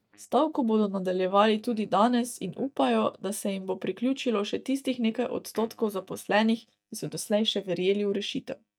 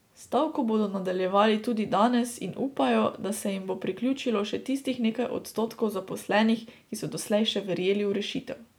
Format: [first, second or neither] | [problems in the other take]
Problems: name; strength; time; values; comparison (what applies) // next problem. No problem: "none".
second | noise reduction (neural mask model DeepFilterNet 3)